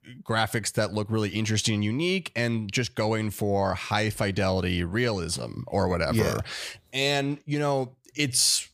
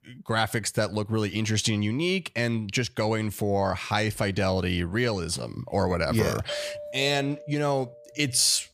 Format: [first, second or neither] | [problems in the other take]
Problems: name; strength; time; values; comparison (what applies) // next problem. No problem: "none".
first | doorbell; noticeable; from 6.5 to 8 s; peak 8 dB below the speech